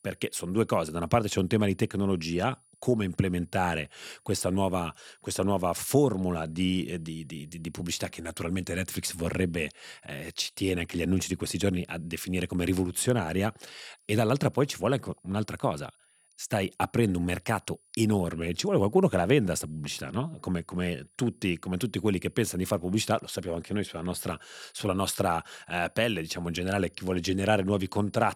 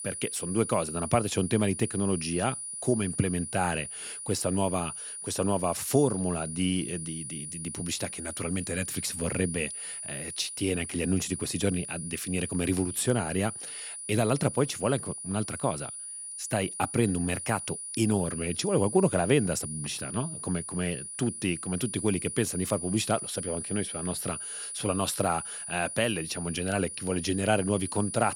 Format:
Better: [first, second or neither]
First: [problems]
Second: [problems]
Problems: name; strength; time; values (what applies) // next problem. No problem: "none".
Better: first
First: high-pitched whine; faint; throughout; 9.5 kHz, 35 dB below the speech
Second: high-pitched whine; loud; throughout; 9.5 kHz, 6 dB below the speech